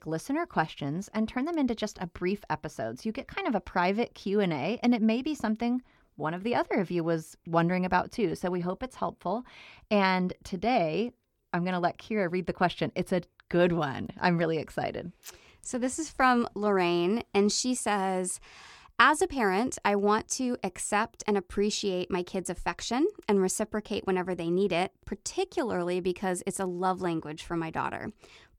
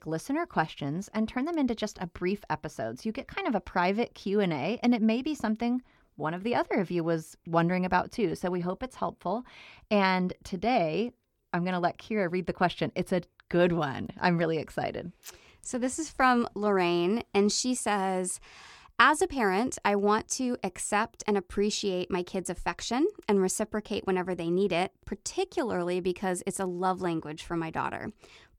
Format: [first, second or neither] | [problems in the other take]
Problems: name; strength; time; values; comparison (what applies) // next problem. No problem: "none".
neither | none